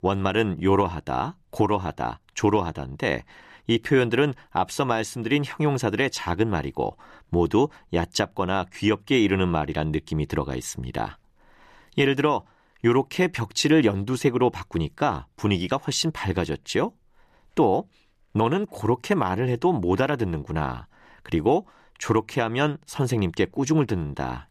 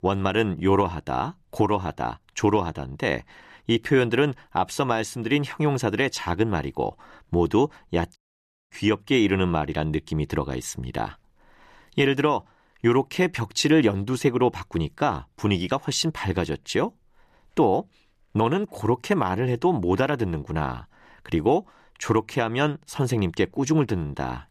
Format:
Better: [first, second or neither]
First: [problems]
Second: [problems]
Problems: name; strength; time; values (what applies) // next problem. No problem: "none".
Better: first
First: none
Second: audio cutting out; at 8 s for 0.5 s